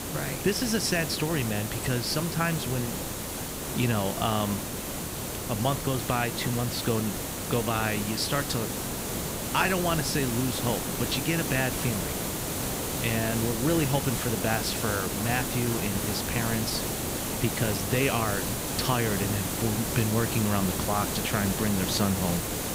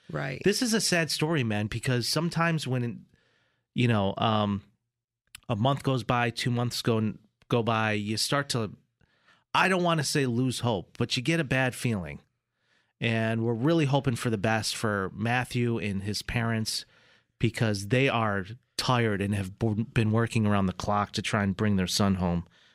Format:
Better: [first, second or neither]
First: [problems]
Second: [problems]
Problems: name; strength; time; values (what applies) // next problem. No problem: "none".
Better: second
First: hiss; loud; throughout; 1 dB below the speech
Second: none